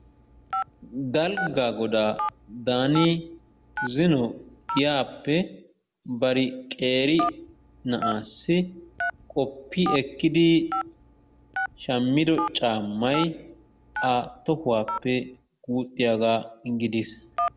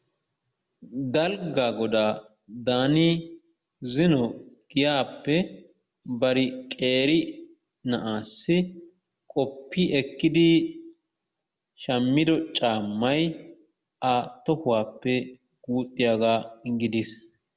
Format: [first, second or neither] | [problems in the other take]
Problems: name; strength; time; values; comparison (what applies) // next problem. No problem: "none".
second | background sound (Telephone); 9 dB below the speech